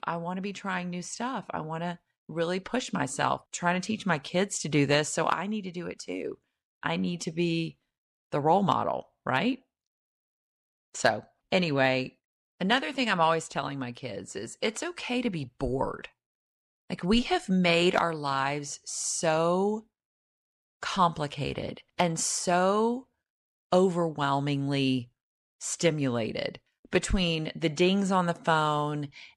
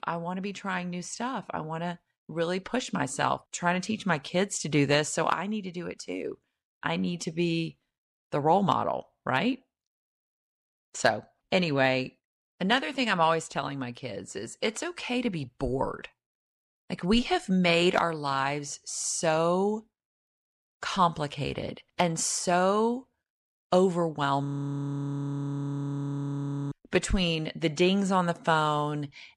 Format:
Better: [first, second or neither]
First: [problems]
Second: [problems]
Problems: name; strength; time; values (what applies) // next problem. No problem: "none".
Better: first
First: none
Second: audio freezing; at 24 s for 2.5 s